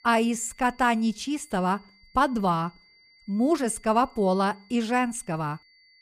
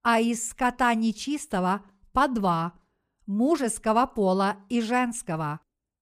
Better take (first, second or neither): second